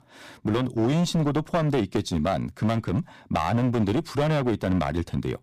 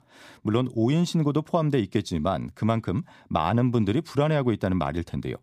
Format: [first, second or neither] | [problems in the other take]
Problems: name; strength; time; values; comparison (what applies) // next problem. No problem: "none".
second | distortion; heavy; 11% of the sound clipped